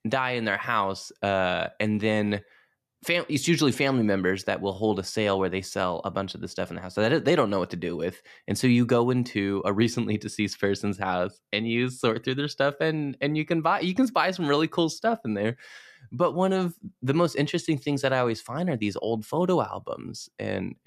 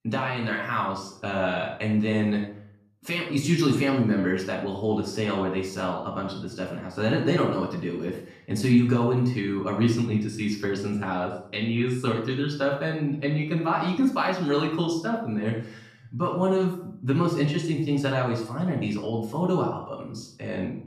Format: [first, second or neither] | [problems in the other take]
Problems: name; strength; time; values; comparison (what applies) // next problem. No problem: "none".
first | off-mic speech; far // room echo; noticeable; dies away in 0.5 s